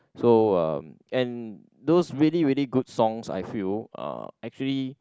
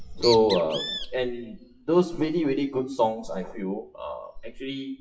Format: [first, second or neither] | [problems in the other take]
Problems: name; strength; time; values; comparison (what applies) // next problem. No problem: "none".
first | noise reduction (classical method WPE with log-MMSE)